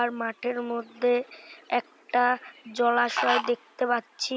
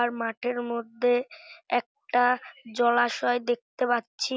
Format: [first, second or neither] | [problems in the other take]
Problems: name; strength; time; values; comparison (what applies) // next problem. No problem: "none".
second | background sound (Fowl); 10 dB below the speech